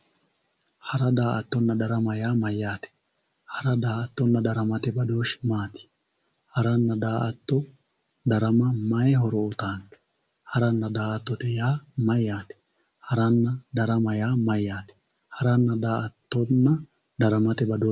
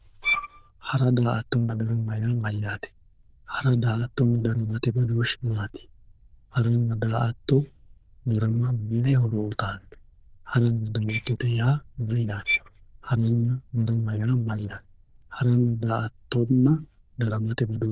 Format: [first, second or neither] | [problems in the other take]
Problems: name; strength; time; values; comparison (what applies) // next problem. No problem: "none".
first | noise reduction (neural diffusion model UNIVERSE++)